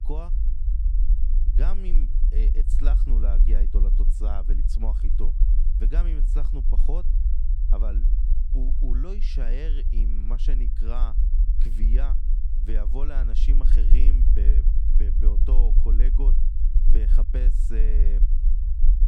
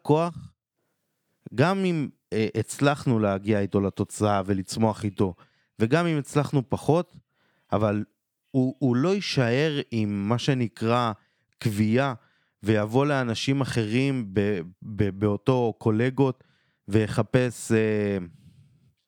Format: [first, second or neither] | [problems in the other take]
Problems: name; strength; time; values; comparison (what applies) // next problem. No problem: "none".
second | low rumble; loud; throughout; 5 dB below the speech